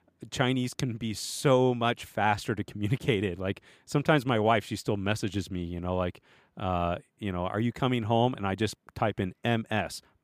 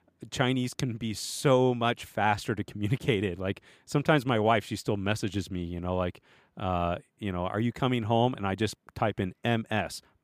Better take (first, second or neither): neither